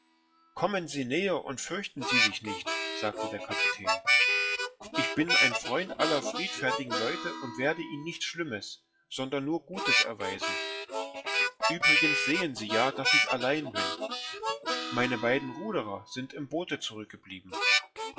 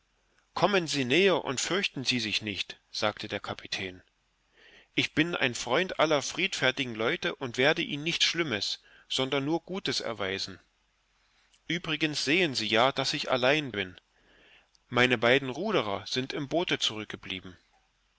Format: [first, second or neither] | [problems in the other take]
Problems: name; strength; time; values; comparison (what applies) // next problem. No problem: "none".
second | noise reduction (classical method WPE with log-MMSE)